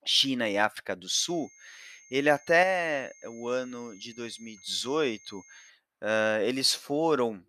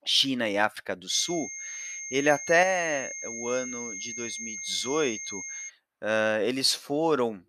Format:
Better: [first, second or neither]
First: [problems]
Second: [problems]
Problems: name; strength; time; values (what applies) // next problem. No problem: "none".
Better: first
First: high-pitched whine; faint; from 1 to 5.5 s; 6.5 kHz, 25 dB below the speech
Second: high-pitched whine; loud; from 1 to 5.5 s; 6.5 kHz, 9 dB below the speech